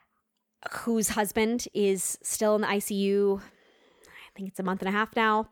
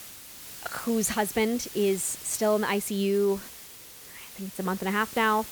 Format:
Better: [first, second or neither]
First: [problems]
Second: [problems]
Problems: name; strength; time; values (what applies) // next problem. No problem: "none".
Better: first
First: none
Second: hiss; noticeable; throughout; 15 dB below the speech